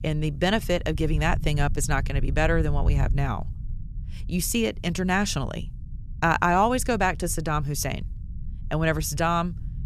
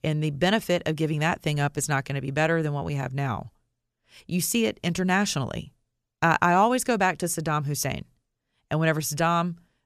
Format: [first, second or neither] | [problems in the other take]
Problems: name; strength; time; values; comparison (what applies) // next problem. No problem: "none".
second | low rumble; faint; throughout; 25 dB below the speech